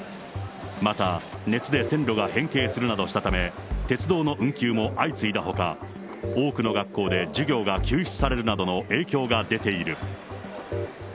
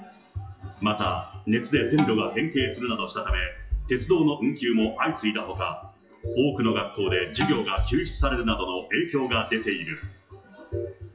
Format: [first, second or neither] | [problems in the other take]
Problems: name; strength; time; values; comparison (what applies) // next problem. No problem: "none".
first | noise reduction (classical method WPE with log-MMSE)